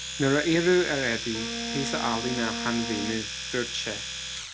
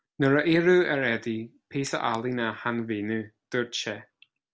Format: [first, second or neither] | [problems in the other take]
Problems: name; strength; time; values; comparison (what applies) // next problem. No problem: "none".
second | background sound (Wind instrument, woodwind instrument + Domestic sounds, home sounds); 5 dB below the speech